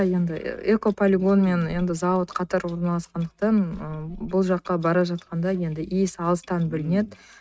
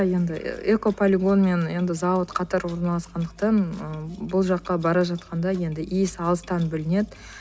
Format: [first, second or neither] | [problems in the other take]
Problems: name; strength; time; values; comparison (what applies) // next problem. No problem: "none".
second | noise reduction (neural mask model RNNoise)